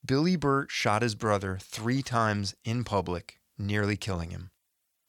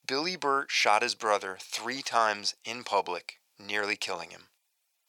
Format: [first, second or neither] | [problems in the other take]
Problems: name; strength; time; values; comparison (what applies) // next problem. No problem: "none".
first | thin; very; fading below 550 Hz